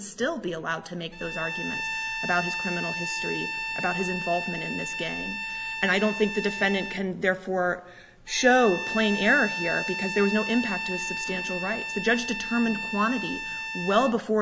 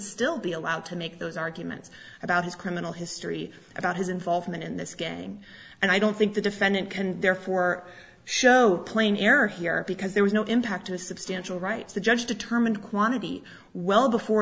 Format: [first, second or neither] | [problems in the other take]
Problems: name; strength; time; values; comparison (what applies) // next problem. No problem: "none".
second | background sound (Bowed string instrument); 6 dB below the speech